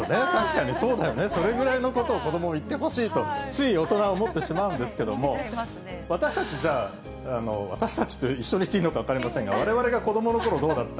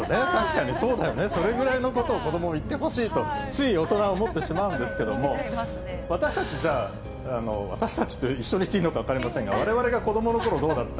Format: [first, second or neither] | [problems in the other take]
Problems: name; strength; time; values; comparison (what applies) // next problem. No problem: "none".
first | background sound (Glass + Insect / Frog); 12 dB below the speech